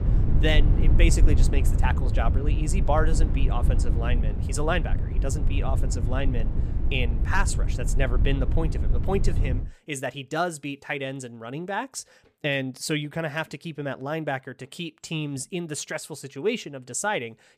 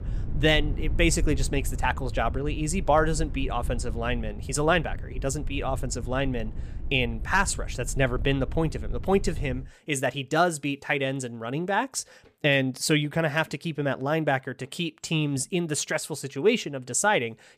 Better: second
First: low rumble; loud; until 9.5 s; 10 dB below the speech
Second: low rumble; faint; until 9.5 s; 25 dB below the speech

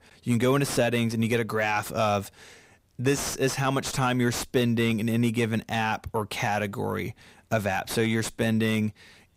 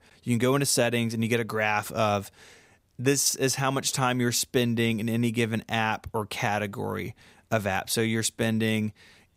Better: second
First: distortion; slight; 10 dB below the speech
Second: none

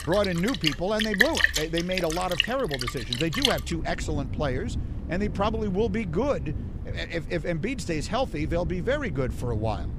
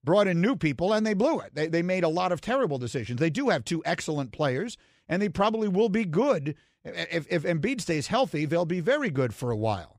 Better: second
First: rain or running water; loud; throughout; 2 dB below the speech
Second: none

